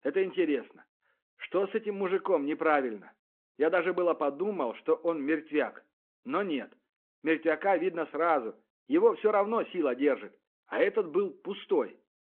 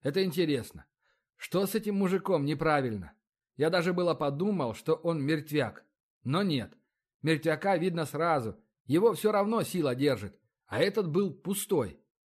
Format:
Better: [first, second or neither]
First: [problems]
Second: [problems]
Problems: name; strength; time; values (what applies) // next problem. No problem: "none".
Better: second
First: phone-call audio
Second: none